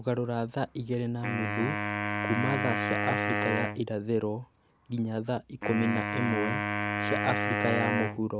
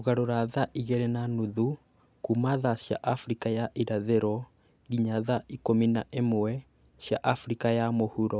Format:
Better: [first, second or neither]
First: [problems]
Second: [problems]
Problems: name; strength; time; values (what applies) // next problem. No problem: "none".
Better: second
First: background sound (Wind instrument, woodwind instrument); 1 dB below the speech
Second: none